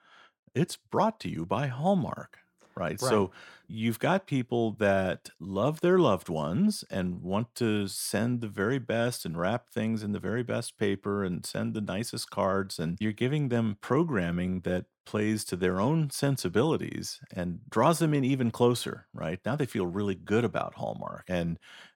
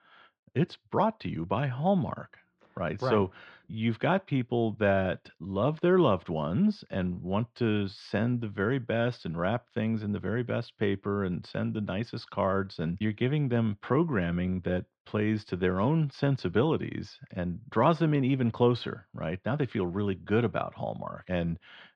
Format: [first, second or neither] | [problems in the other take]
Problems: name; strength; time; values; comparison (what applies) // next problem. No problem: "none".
first | muffled; slightly; fading above 4 kHz